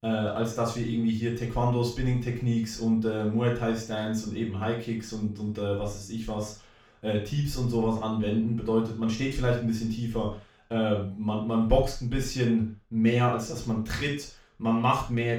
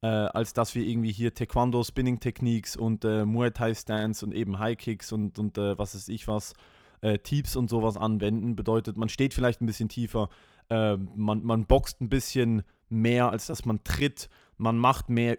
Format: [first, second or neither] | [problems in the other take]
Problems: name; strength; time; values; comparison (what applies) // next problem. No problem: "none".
second | room echo; noticeable; dies away in 0.3 s // off-mic speech; far